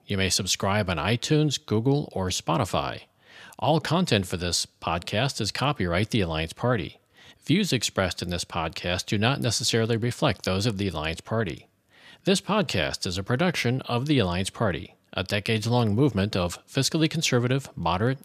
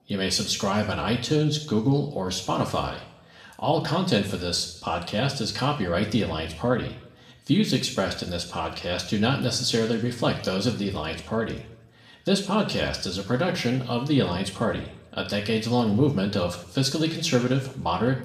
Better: first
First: none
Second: room echo; slight; dies away in 0.7 s // off-mic speech; somewhat distant

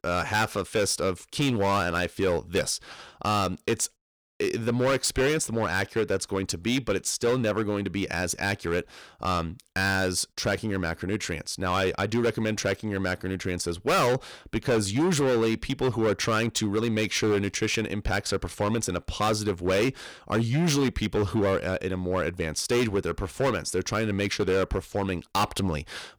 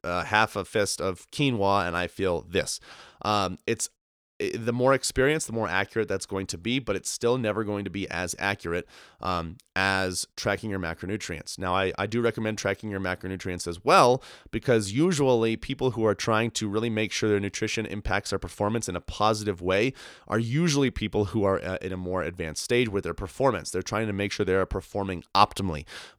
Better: second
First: distortion; heavy; 10% of the sound clipped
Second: none

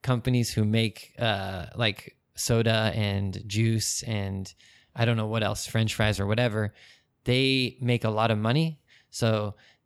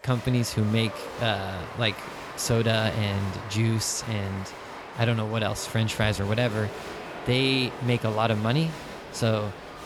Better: first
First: none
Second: crowd noise; noticeable; throughout; 10 dB below the speech

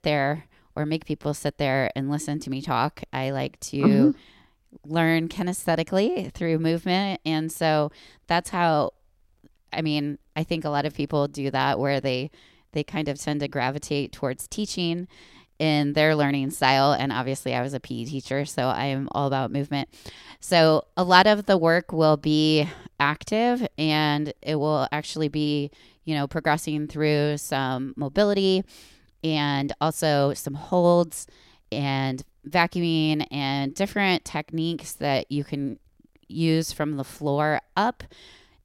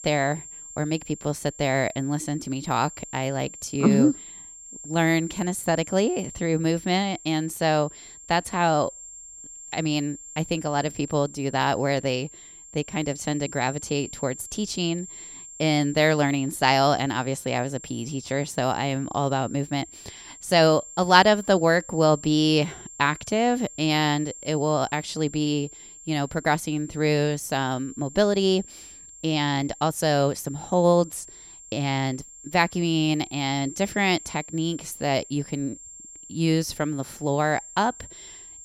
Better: first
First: none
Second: high-pitched whine; noticeable; throughout; 7.5 kHz, 15 dB below the speech

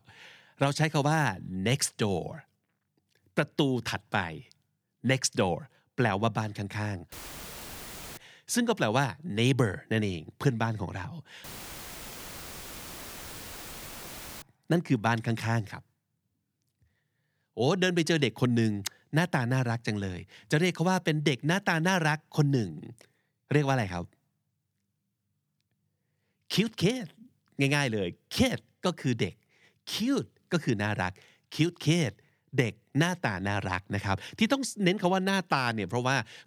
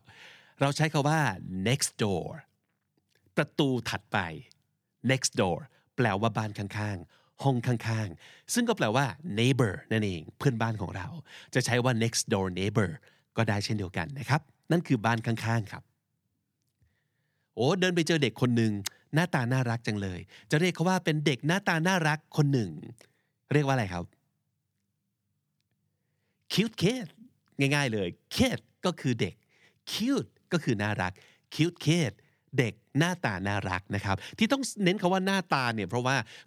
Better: second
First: audio cutting out; filled with static; at 7 s for 1 s and at 11 s for 3 s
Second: none

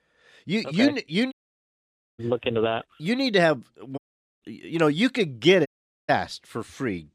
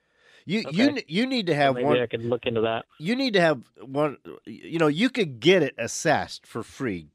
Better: second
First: audio cutting out; at 1.5 s for 1 s, at 4 s and at 5.5 s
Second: none

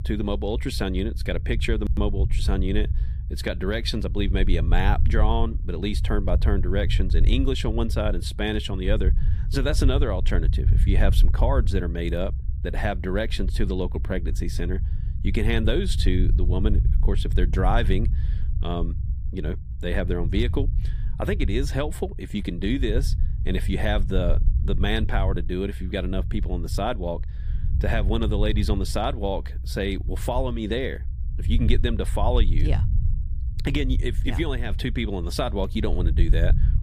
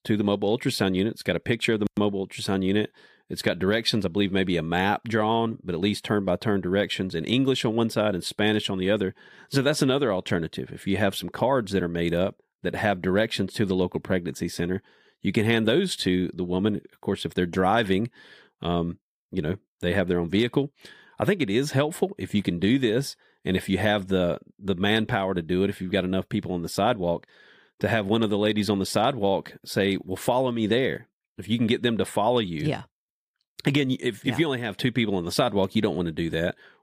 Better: second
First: low rumble; noticeable; throughout; 15 dB below the speech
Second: none

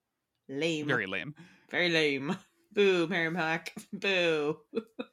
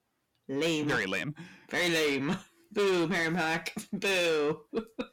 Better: first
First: none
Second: distortion; heavy; 7 dB below the speech

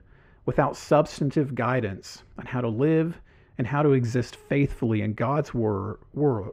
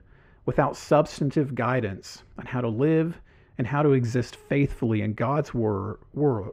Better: neither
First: muffled; very; fading above 4 kHz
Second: muffled; very; fading above 4 kHz

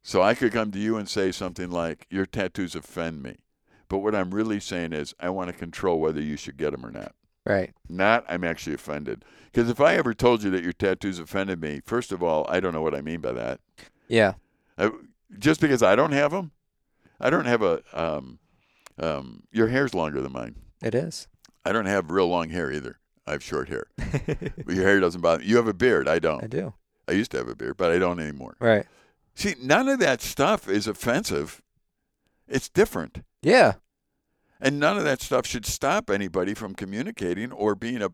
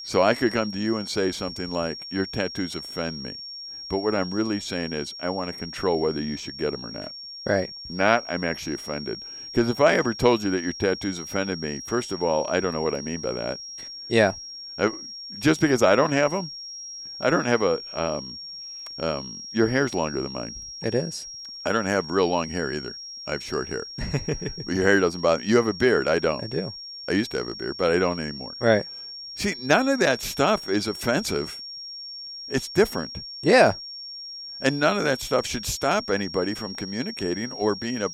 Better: first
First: none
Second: high-pitched whine; noticeable; throughout; 5.5 kHz, 10 dB below the speech

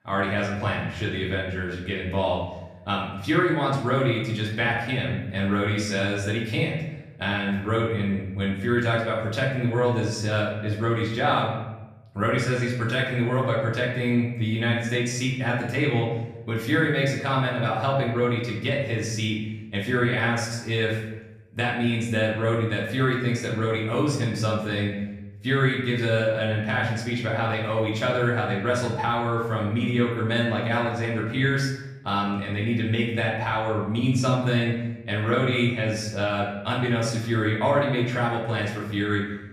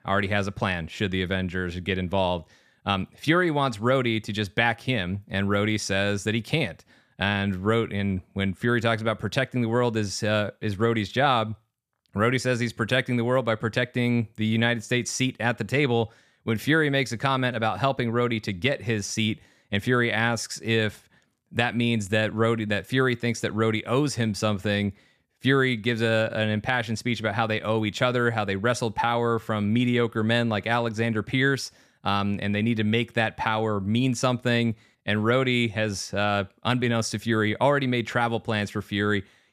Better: second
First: off-mic speech; far // room echo; noticeable; dies away in 0.9 s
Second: none

